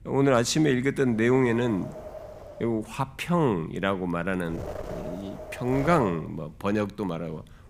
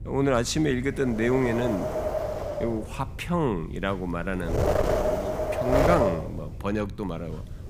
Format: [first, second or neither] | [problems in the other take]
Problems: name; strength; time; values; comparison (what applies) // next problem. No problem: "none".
first | wind noise on the microphone; heavy; 2 dB above the speech; occasional gusts in the first